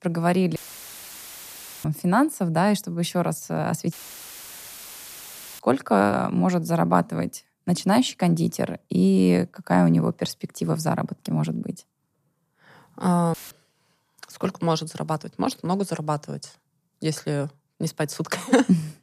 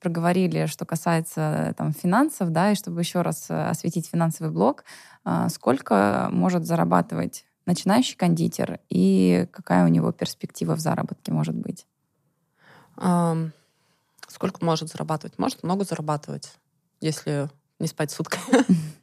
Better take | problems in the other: second | audio cutting out; filled with static; at 0.5 s for 1.5 s, at 4 s for 1.5 s and at 13 s

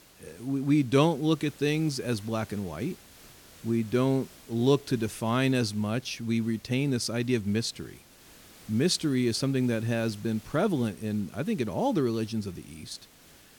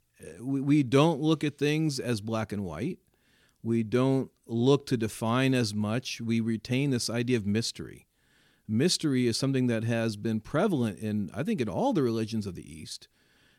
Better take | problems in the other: second | hiss; faint; throughout; 25 dB below the speech

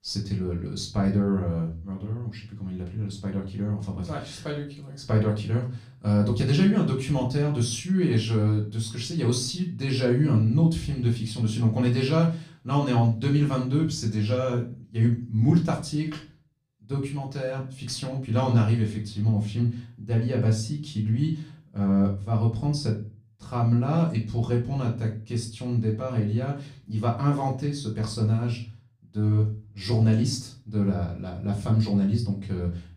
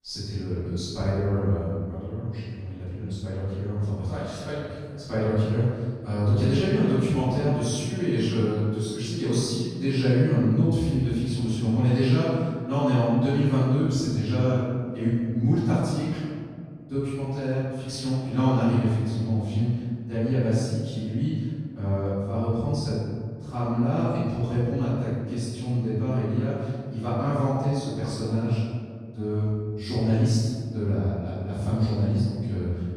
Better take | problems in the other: first | room echo; strong; dies away in 1.8 s; slight in the first // off-mic speech; far; far in the first

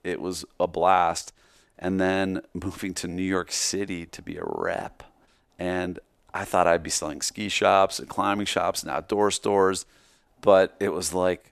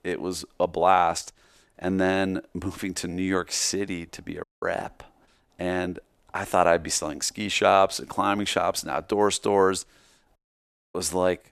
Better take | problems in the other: first | audio cutting out; at 4.5 s and at 10 s for 0.5 s

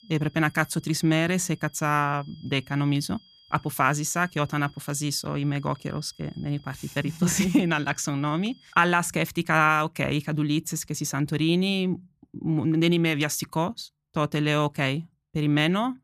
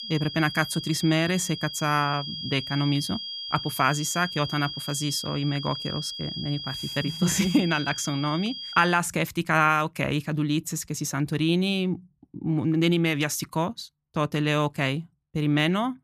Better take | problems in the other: first | high-pitched whine; loud; until 9 s; 3.5 kHz, 8 dB below the speech; faint in the first

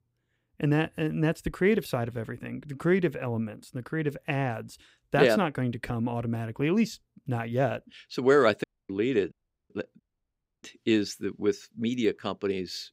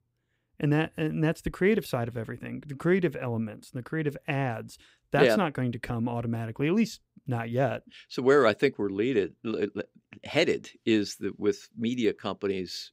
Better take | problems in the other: second | audio cutting out; at 8.5 s, at 9.5 s and at 10 s for 0.5 s

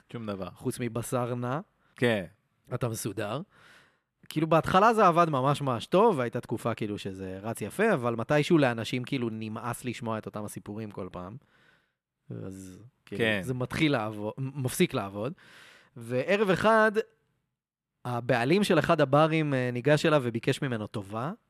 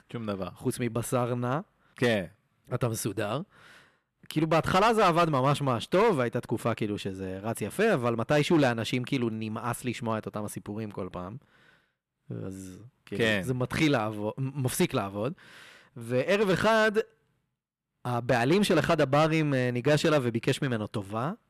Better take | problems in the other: first | distortion; slight; 4% of the sound clipped

